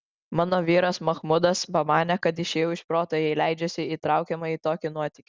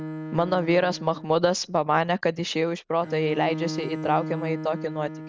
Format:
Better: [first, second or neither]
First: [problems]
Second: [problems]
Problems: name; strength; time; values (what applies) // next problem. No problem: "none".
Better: first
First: none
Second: background sound (Bowed string instrument); 10 dB below the speech